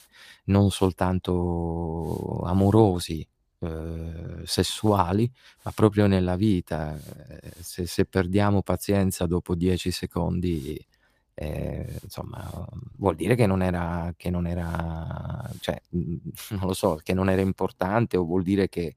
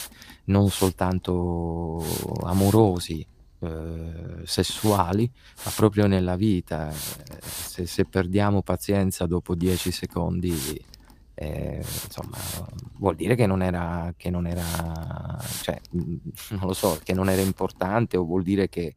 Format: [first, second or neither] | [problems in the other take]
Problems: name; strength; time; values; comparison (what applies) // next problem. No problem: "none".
first | hiss; loud; throughout; 10 dB below the speech; faint in the first